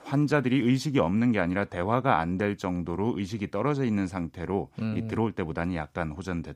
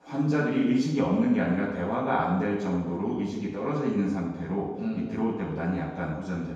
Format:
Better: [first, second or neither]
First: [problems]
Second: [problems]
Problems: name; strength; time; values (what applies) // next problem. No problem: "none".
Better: first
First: none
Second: room echo; noticeable; dies away in 1.1 s // off-mic speech; far